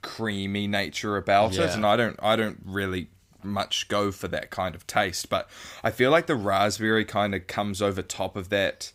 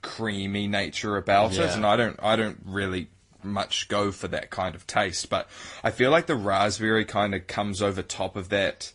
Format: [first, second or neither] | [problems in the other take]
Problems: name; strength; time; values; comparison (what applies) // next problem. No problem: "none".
first | garbled, watery; slightly; nothing above 10.5 kHz